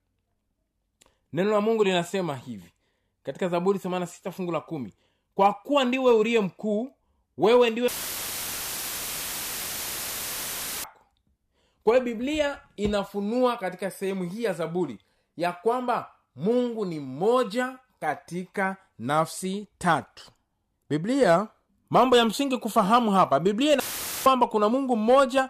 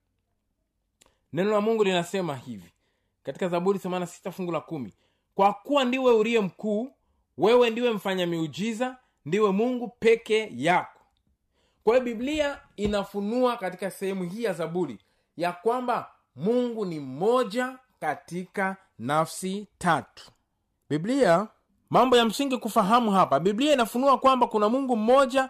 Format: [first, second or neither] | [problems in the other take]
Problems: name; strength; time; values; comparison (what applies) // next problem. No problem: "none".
second | audio cutting out; filled with static; at 8 s for 3 s and at 24 s